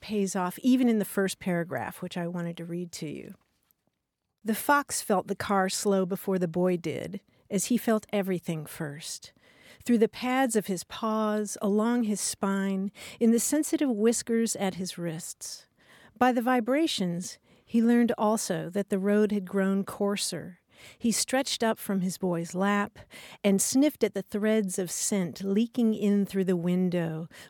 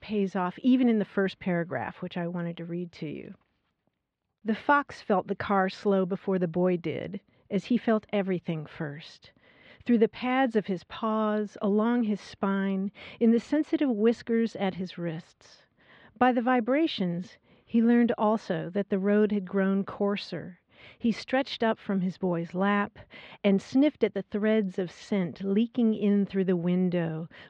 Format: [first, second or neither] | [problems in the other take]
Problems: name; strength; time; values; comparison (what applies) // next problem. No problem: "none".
first | muffled; very; fading above 3.5 kHz